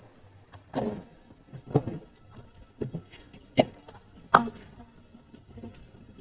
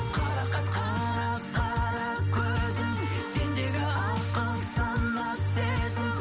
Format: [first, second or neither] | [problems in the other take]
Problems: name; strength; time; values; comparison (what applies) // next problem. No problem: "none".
second | noise reduction (neural mask model DeepFilterNet 3)